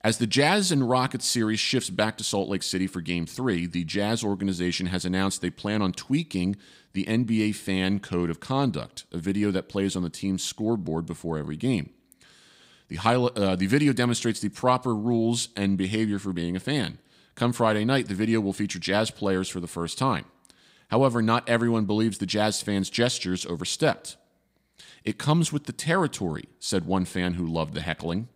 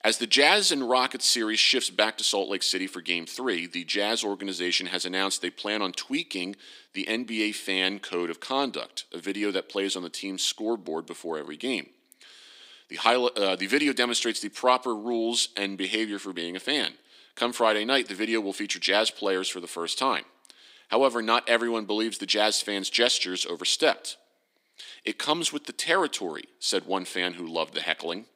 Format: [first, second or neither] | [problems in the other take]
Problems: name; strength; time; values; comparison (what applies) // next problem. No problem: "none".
first | thin; somewhat; fading below 300 Hz